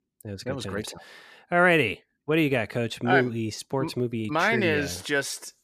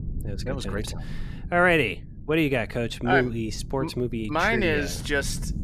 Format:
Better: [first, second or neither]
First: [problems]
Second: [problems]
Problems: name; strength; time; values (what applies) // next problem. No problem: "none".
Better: first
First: none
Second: low rumble; faint; throughout; 25 dB below the speech